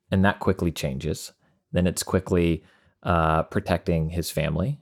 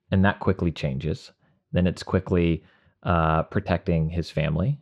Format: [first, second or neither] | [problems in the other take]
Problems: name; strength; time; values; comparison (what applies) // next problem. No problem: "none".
first | muffled; very slightly; fading above 3 kHz